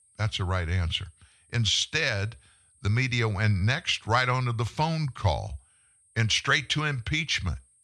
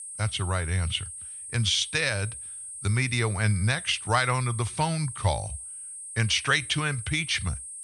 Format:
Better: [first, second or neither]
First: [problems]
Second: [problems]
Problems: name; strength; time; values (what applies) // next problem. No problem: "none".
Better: first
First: high-pitched whine; faint; throughout; 8.5 kHz, 35 dB below the speech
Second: high-pitched whine; loud; throughout; 8.5 kHz, 10 dB below the speech